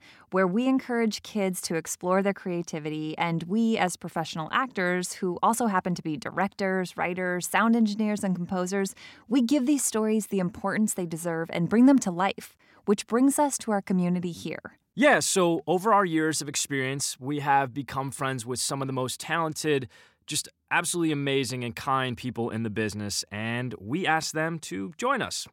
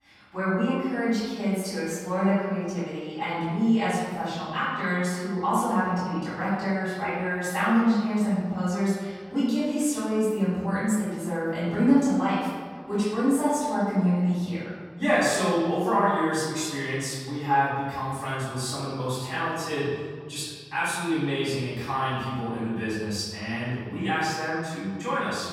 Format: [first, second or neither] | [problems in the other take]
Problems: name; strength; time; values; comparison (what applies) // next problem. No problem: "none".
first | off-mic speech; far // room echo; strong; dies away in 1.5 s